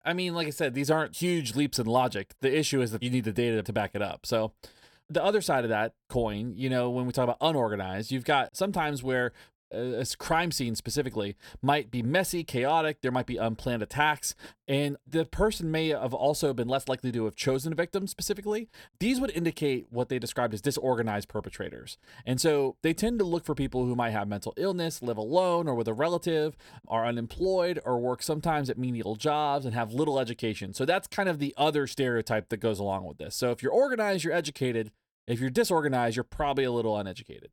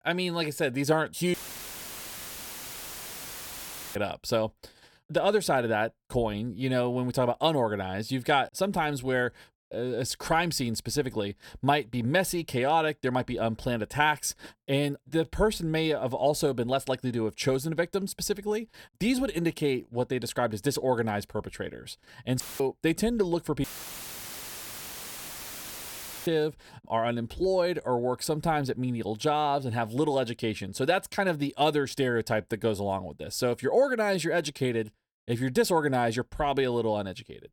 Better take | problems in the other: first | audio cutting out; filled with static; at 1.5 s for 2.5 s, at 22 s and at 24 s for 2.5 s

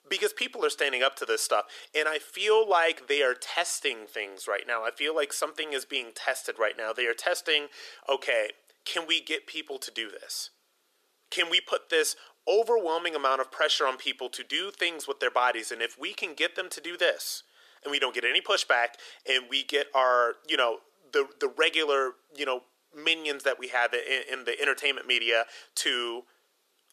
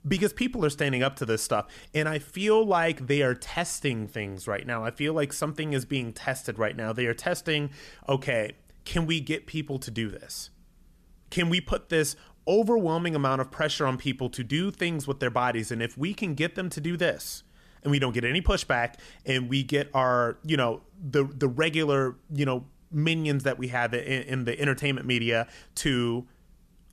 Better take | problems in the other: second | thin; very; fading below 400 Hz

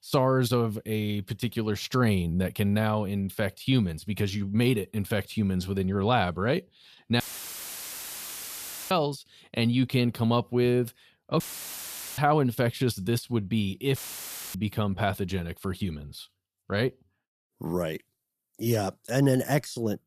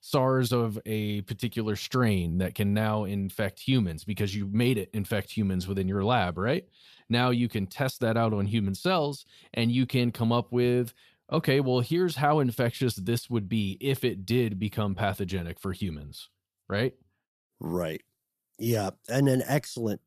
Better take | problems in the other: second | audio cutting out; filled with static; at 7 s for 1.5 s, at 11 s for 1 s and at 14 s for 0.5 s

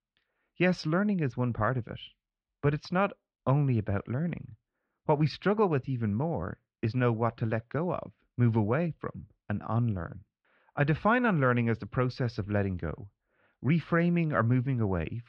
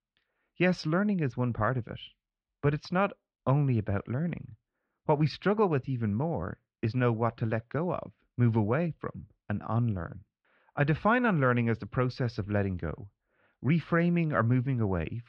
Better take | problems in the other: neither | muffled; slightly; fading above 3.5 kHz; the same in both

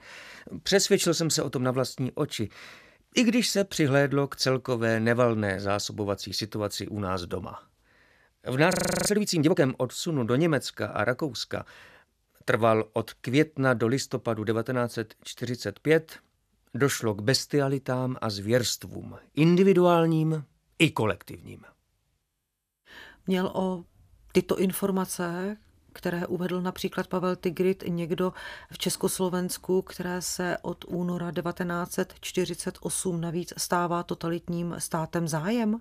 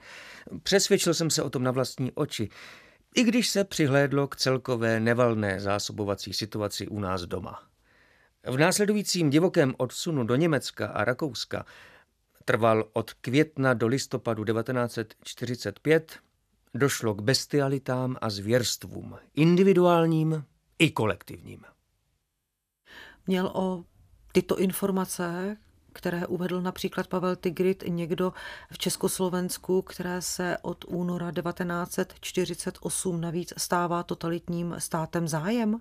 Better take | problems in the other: second | audio freezing; at 8.5 s

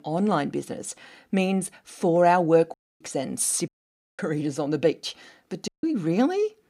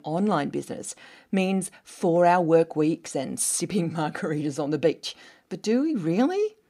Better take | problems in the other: second | audio cutting out; at 2.5 s, at 3.5 s for 0.5 s and at 5.5 s

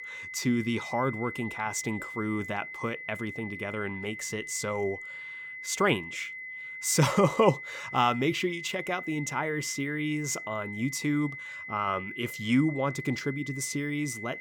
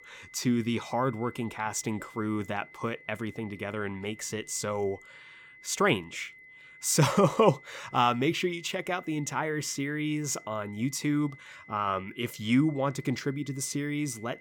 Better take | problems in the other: second | high-pitched whine; loud; throughout; 2 kHz, 9 dB below the speech; faint in the second

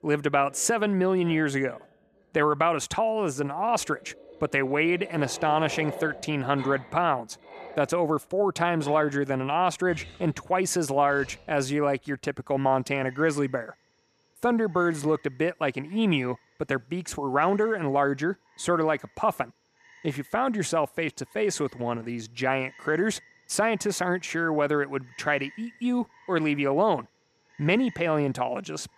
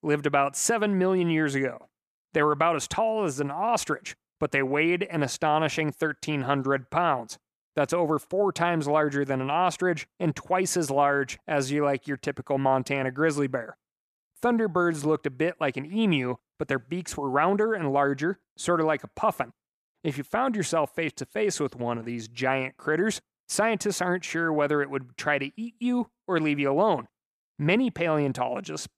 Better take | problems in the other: second | animal sounds; faint; throughout; 20 dB below the speech

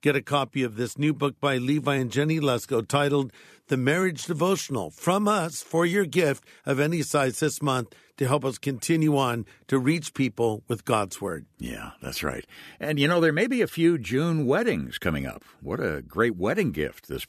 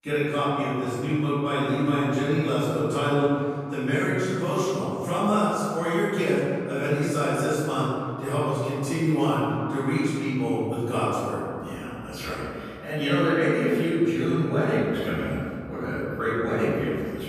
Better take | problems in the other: first | off-mic speech; far // room echo; strong; dies away in 2.2 s

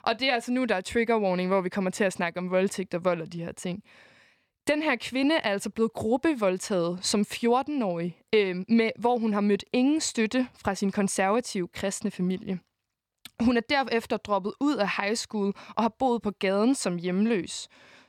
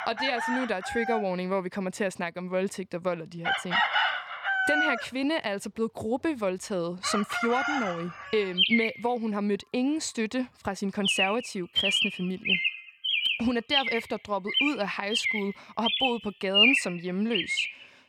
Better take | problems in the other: first | animal sounds; very loud; throughout; 3 dB above the speech

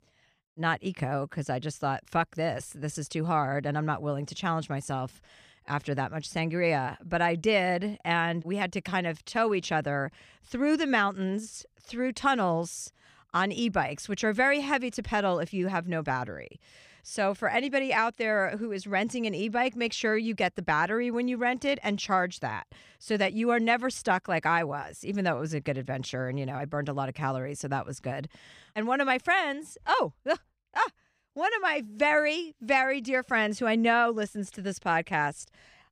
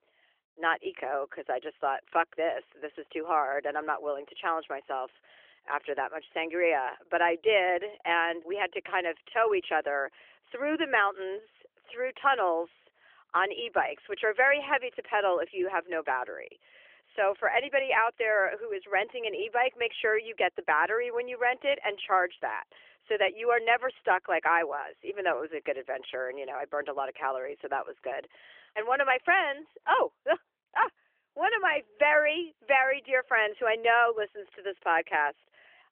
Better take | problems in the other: first | phone-call audio; nothing above 3 kHz

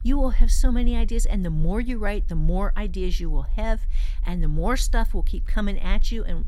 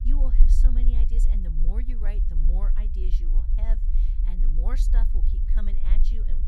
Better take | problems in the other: first | low rumble; loud; throughout; 4 dB below the speech; faint in the first

